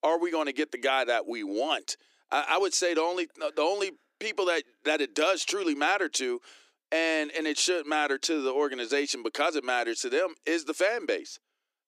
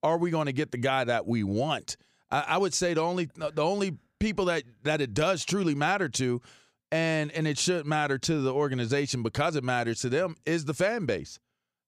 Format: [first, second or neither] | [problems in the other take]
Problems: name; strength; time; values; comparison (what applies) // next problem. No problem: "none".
second | thin; somewhat; fading below 300 Hz